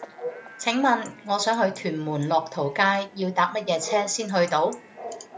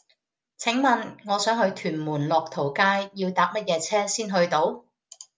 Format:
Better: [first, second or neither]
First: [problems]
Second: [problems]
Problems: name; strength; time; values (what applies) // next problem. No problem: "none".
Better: second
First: background sound (Bark / Chatter / Chirp, tweet / Livestock, farm animals, working animals); 17 dB below the speech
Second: none